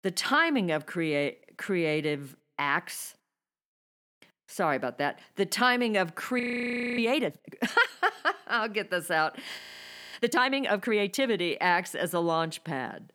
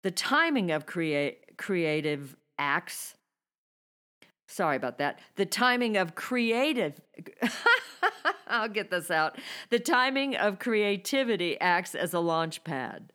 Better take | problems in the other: second | audio freezing; at 6.5 s for 0.5 s and at 9.5 s for 0.5 s

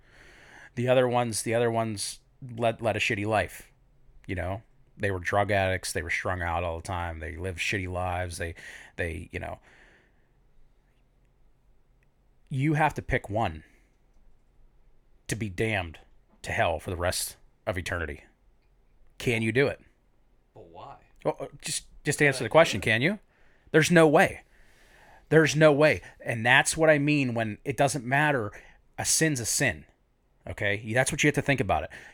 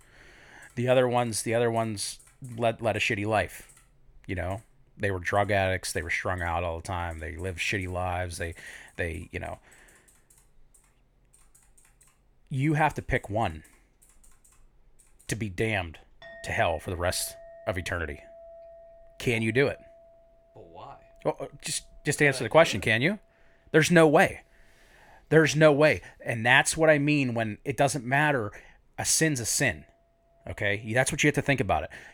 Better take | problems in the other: first | household noises; faint; throughout; 30 dB below the speech

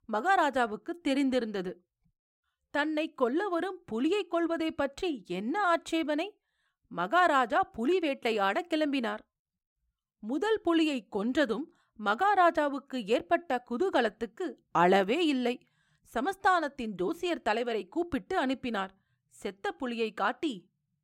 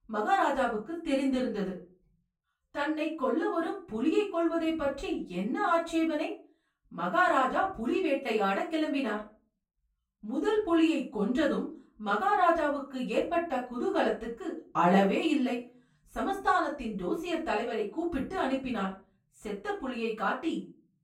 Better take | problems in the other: first | off-mic speech; far // room echo; slight; dies away in 0.3 s

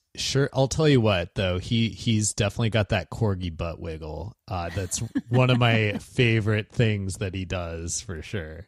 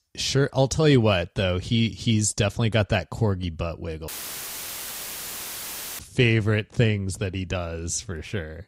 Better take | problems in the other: first | audio cutting out; filled with static; at 4 s for 2 s

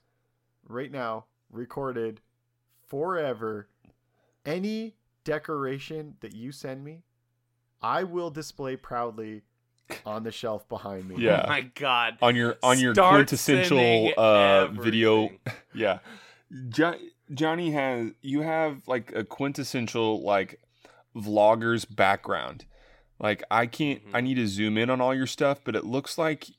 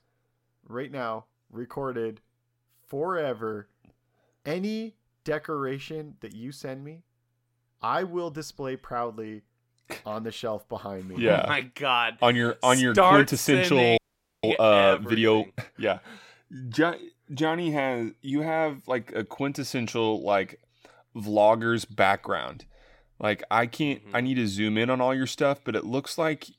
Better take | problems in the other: first | audio freezing; at 14 s

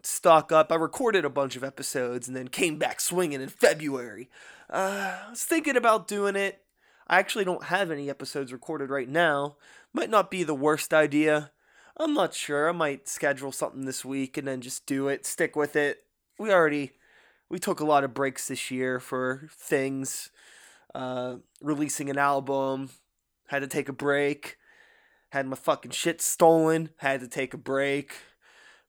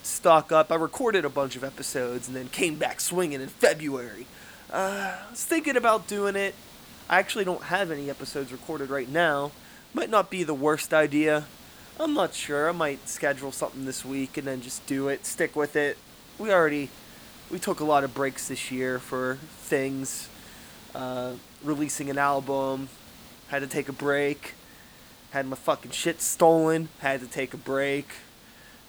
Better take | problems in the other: first | hiss; faint; throughout; 20 dB below the speech

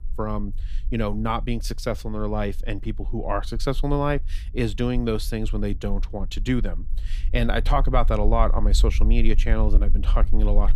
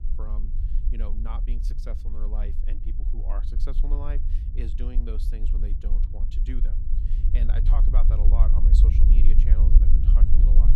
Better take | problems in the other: first | low rumble; loud; throughout; 1 dB below the speech; faint in the first

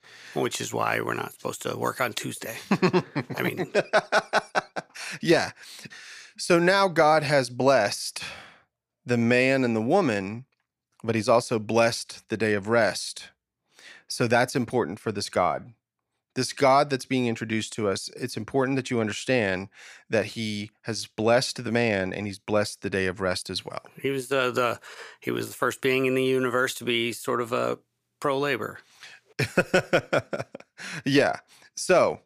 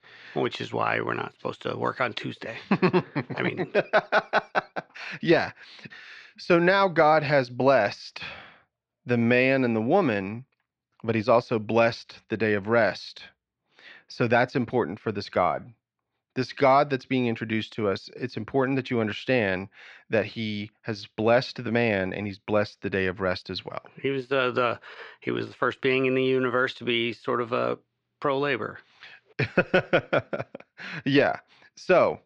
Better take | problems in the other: first | muffled; very slightly; fading above 4 kHz

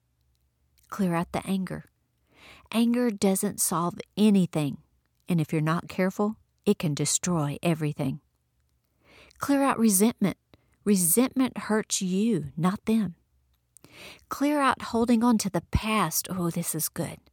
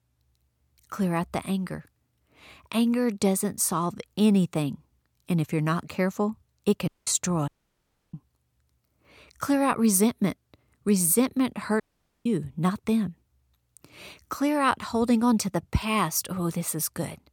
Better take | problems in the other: first | audio cutting out; at 7 s, at 7.5 s for 0.5 s and at 12 s

